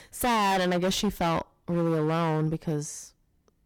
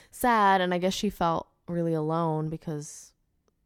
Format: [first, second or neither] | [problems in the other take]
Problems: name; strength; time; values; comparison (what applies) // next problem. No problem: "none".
second | distortion; heavy; 22% of the sound clipped